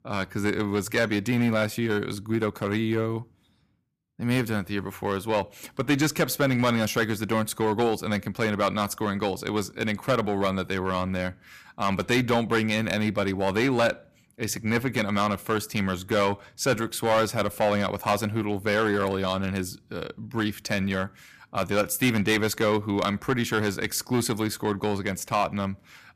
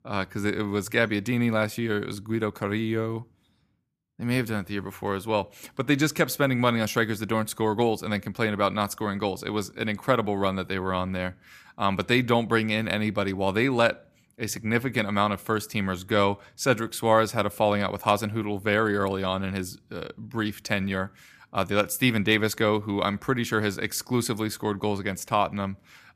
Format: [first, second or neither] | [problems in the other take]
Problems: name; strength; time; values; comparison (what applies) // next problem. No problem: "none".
second | distortion; slight; 4% of the sound clipped